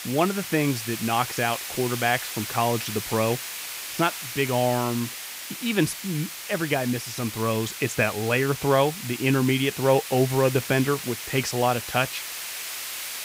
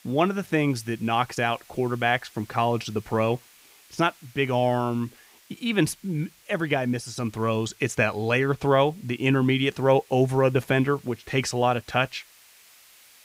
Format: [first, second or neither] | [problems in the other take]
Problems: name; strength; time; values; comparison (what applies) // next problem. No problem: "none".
second | hiss; loud; throughout; 7 dB below the speech; faint in the second